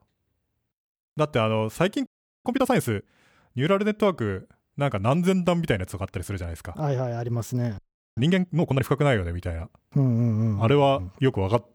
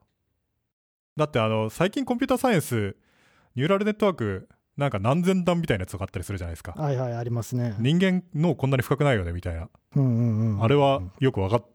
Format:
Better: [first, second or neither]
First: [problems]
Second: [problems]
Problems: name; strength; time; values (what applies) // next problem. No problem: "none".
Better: second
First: audio freezing; at 2 s and at 8 s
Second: none